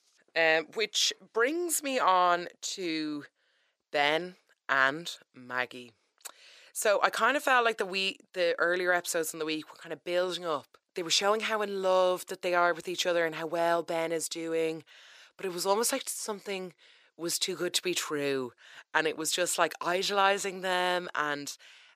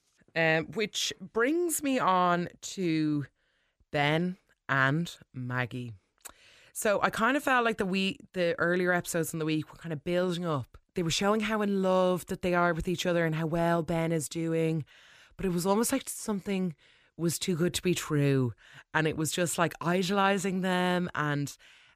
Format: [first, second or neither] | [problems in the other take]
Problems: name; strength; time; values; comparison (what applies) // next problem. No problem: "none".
second | thin; somewhat; fading below 500 Hz